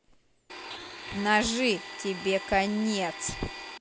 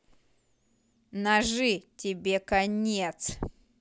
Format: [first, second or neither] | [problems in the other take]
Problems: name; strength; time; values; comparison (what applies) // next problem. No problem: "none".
second | background sound (Domestic sounds, home sounds); 11 dB below the speech